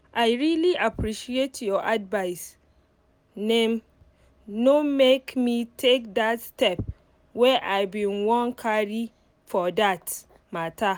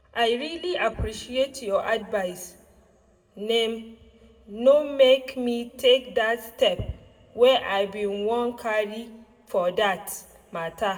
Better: first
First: none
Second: room echo; dies away in 0.8 s

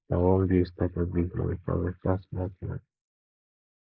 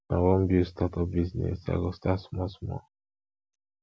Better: second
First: noise reduction (neural mask model Resemble Enhance denoiser)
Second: none

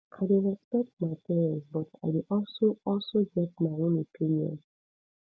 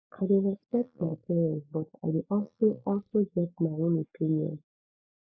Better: first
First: none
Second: noise reduction (neural mask model Resemble Enhance denoiser)

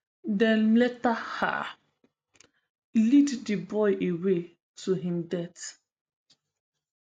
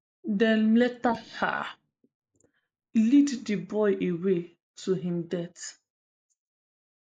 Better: first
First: none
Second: noise reduction (neural mask model Resemble Enhance denoiser)

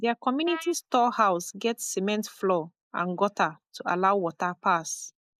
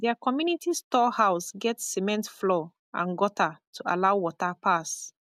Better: second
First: noise reduction (neural mask model Resemble Enhance denoiser)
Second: none

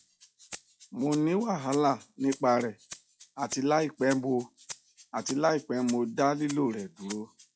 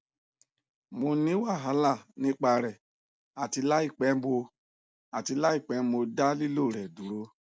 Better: second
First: noise reduction (classical method log-MMSE)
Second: none

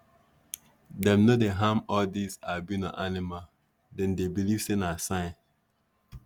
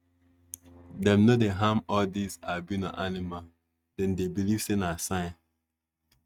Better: first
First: none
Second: noise reduction (neural mask model RNNoise)

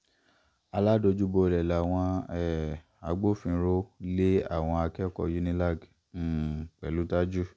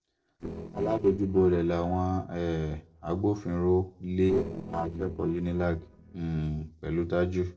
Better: first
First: none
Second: noise reduction (neural separator model SepFormer DNS4)

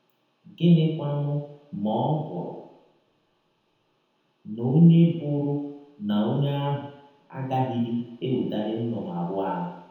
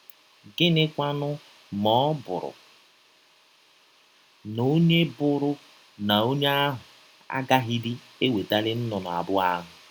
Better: second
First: room echo; dies away in 0.9 s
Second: none

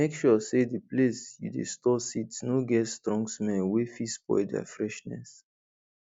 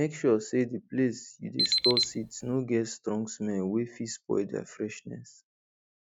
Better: first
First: none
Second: noise reduction (neural mask model RNNoise)

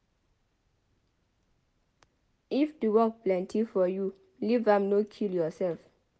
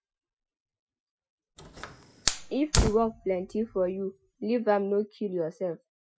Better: first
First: none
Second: noise reduction (classical method Wiener filter)

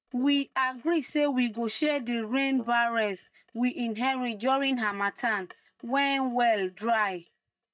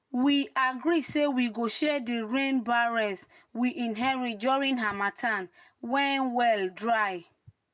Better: second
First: noise reduction (neural mask model DeepFilterNet 3)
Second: none

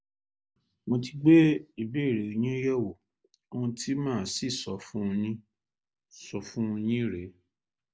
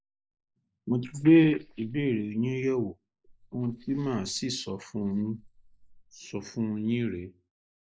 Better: first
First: none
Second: noise reduction (neural mask model Resemble Enhance denoiser)

